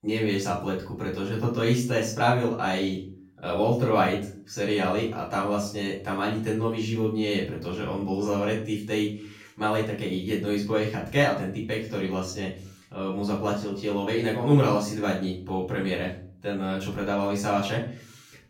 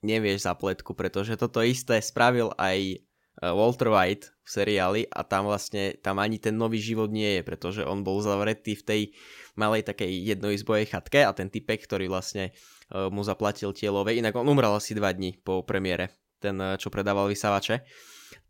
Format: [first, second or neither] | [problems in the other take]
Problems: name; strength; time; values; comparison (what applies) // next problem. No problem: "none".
second | off-mic speech; far // room echo; slight; dies away in 0.4 s